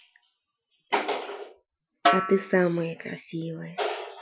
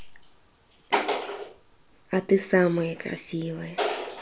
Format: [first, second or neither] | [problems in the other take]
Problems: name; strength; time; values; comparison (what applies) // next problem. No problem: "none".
second | noise reduction (classical method Wiener filter)